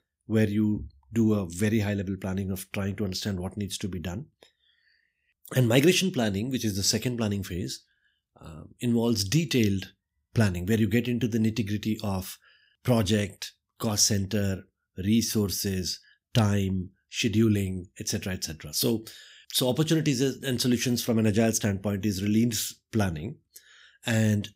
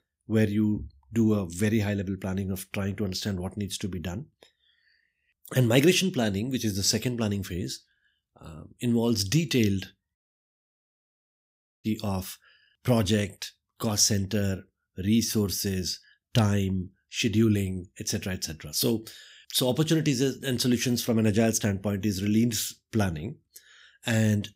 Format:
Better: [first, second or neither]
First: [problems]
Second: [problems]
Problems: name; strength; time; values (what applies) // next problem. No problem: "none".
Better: first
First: none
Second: audio cutting out; at 10 s for 1.5 s